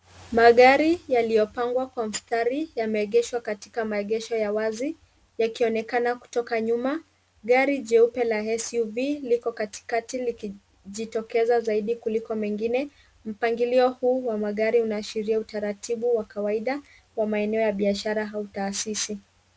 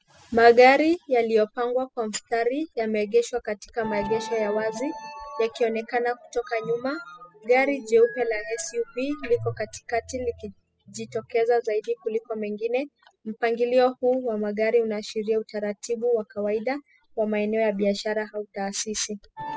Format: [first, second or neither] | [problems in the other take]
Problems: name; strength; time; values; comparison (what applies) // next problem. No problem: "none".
first | noise reduction (classical method spectral subtraction)